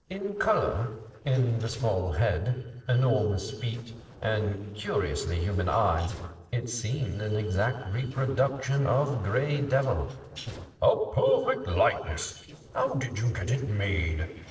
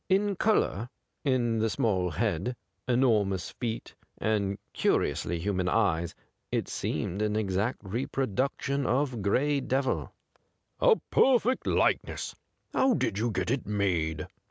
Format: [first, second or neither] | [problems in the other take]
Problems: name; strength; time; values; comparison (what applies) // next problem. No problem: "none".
second | noise reduction (neural separator model SepFormer DNS4)